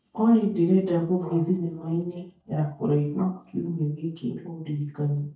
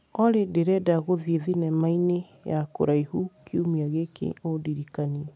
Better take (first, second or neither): second